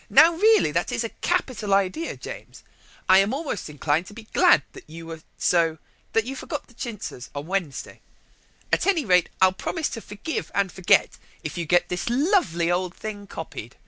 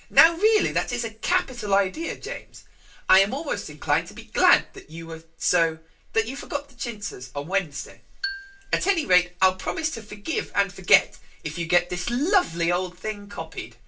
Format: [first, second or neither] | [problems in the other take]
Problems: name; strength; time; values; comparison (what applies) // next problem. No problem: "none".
first | background sound (Marimba, xylophone); 13 dB below the speech // room echo; dies away in 0.2 s